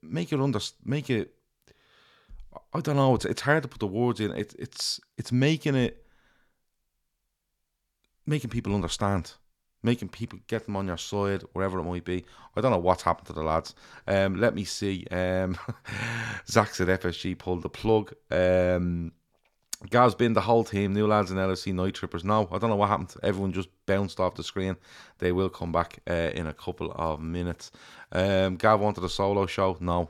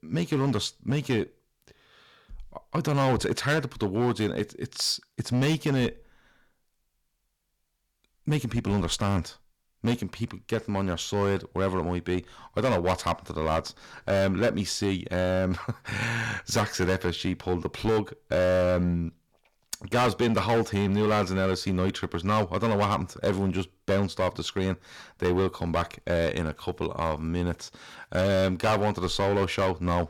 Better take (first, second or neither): first